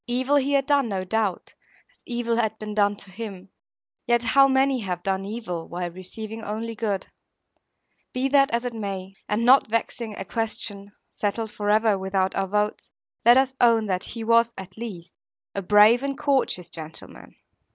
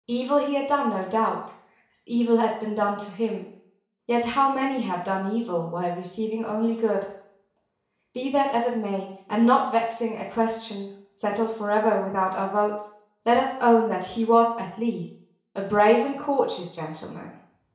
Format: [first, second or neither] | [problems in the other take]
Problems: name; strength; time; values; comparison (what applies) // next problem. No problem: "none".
first | background sound (Bell); 12 dB below the speech // room echo; dies away in 0.6 s